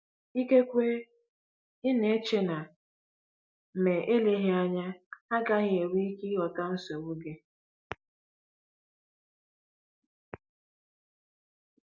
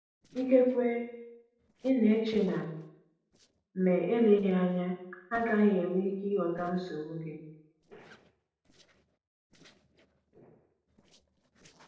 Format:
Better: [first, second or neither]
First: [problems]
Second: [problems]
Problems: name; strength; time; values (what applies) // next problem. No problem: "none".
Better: first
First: none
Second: noise reduction (neural separator model SepFormer DNS4)